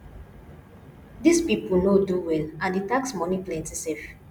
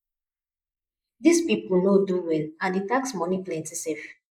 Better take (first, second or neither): first